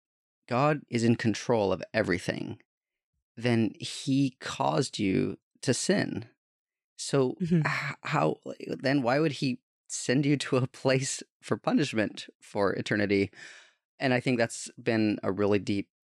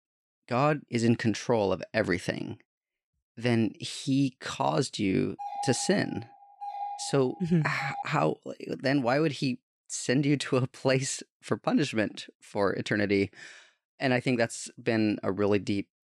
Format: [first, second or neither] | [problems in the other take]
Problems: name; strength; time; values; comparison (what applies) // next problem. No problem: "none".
first | doorbell; noticeable; from 5.5 to 8 s; peak 8 dB below the speech